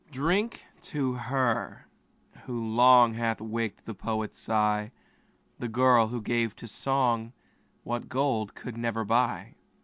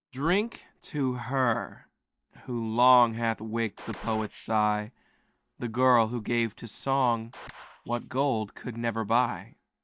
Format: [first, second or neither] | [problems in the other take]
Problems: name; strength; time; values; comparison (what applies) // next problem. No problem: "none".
first | noise reduction (neural mask model DeepFilterNet 3)